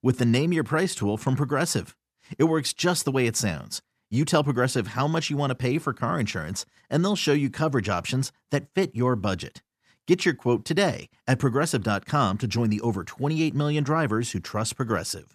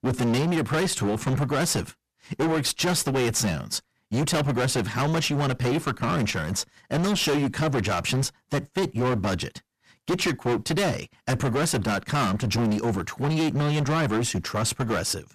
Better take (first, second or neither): first